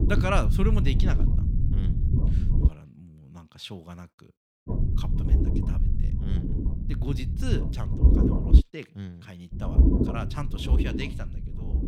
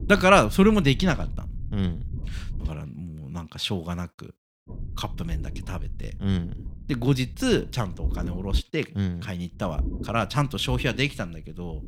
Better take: second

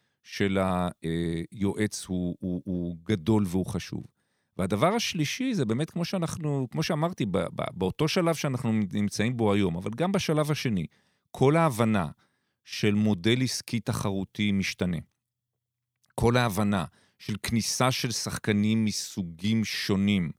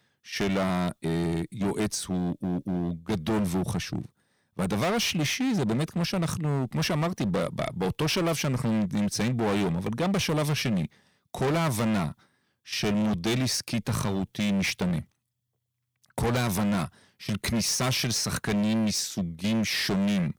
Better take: first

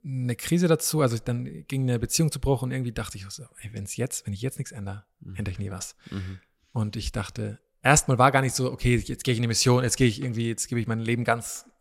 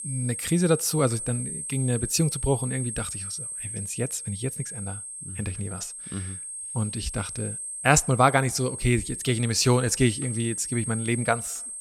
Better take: first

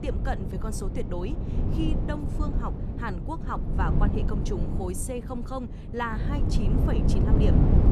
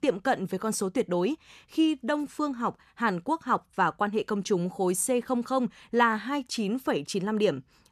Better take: second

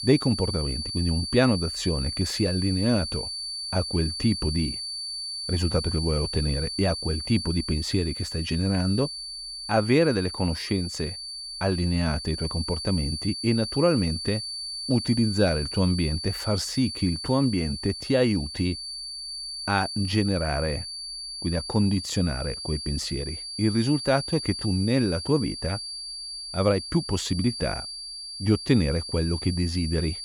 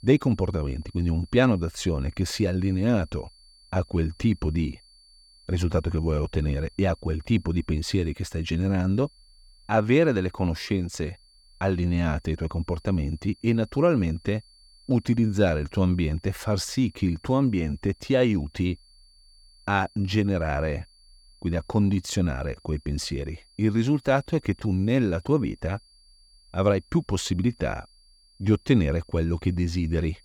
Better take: second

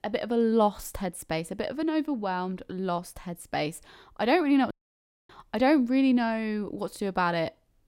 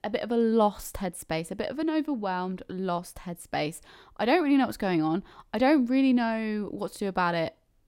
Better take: second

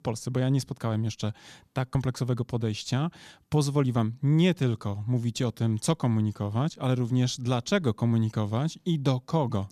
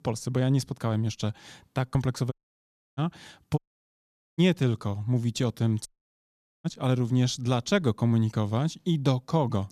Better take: first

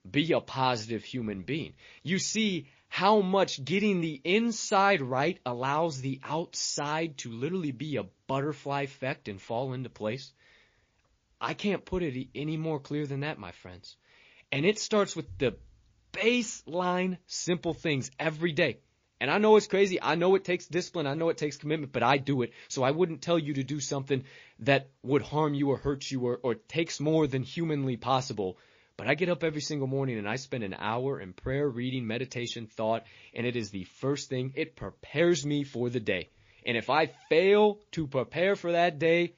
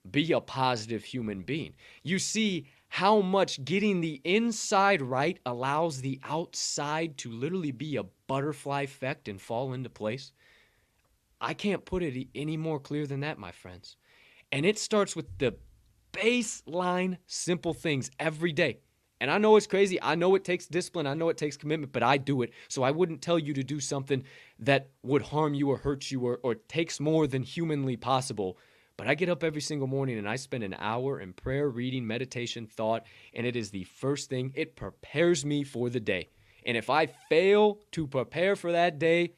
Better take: second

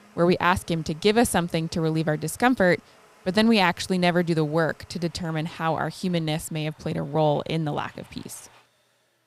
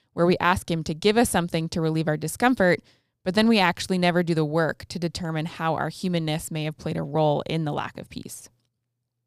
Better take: second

